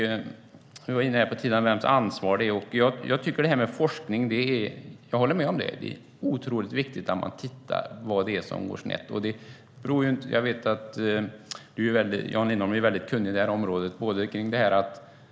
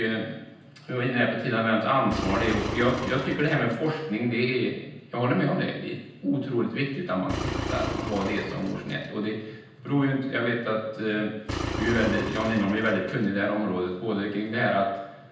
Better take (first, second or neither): first